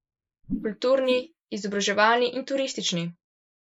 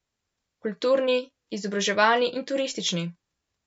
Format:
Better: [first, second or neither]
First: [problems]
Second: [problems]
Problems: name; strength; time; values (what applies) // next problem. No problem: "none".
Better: second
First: noise reduction (neural mask model Resemble Enhance denoiser)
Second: none